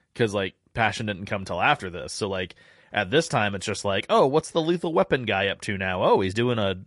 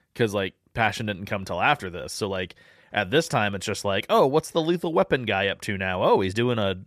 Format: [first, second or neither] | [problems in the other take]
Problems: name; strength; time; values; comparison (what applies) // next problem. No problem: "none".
second | garbled, watery; slightly